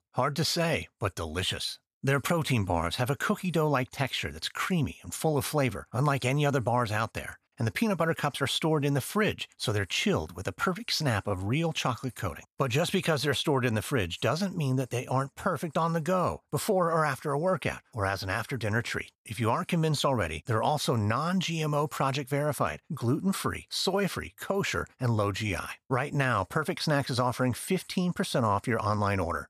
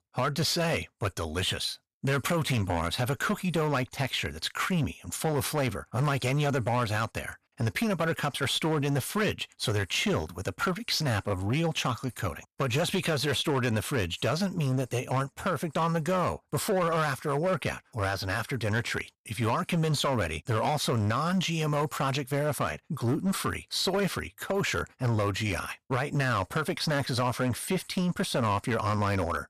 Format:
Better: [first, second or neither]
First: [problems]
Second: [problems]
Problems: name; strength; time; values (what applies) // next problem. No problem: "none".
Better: first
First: none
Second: distortion; slight; 10% of the sound clipped